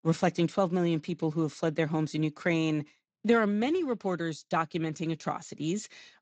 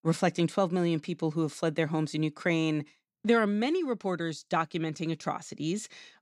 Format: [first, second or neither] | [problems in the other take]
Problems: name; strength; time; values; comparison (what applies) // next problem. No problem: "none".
second | garbled, watery; slightly; nothing above 7.5 kHz